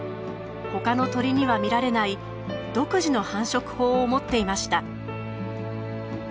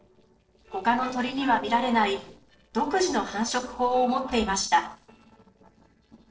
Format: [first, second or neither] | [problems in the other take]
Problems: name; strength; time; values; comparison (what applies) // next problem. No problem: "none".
first | noise reduction (neural separator model SepFormer DNS4)